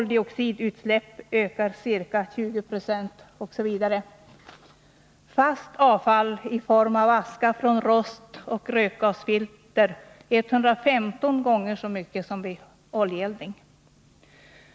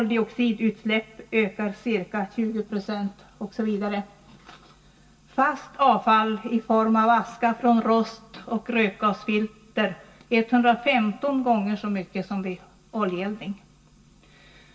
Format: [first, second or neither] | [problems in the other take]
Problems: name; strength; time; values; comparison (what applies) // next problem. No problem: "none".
first | room echo; dies away in 0.2 s